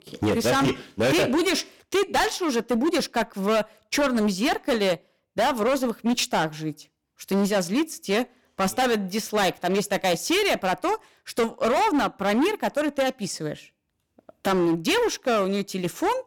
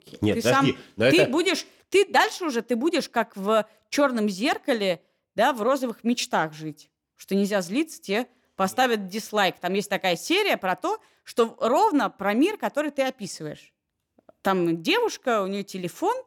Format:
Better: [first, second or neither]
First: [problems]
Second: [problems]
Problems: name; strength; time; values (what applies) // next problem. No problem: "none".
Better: second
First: distortion; heavy; 16% of the sound clipped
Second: none